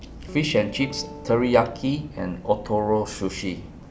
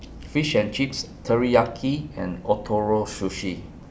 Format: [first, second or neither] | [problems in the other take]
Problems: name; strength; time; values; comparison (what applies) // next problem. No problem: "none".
second | background sound (Guitar); 17 dB below the speech